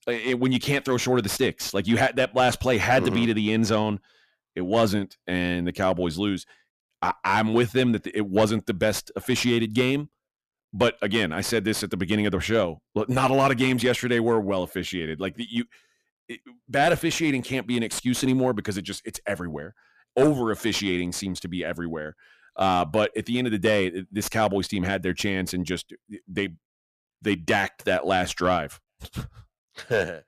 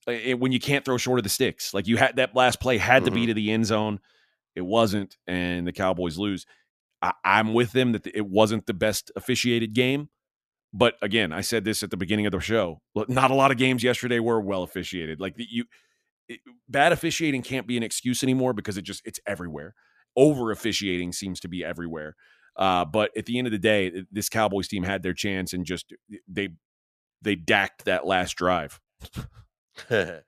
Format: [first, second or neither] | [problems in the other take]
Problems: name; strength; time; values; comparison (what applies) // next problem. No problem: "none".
second | distortion; slight; 10 dB below the speech